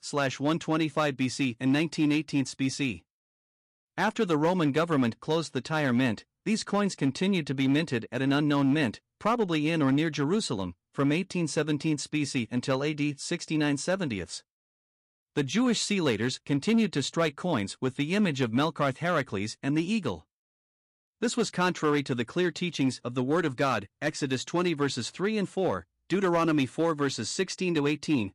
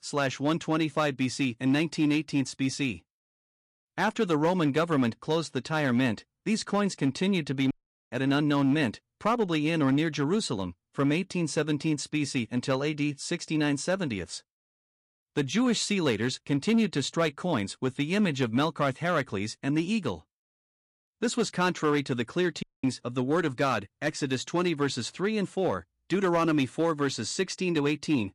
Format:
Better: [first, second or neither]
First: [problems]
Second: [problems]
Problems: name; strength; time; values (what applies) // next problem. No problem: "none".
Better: first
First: none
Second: audio cutting out; at 7.5 s and at 23 s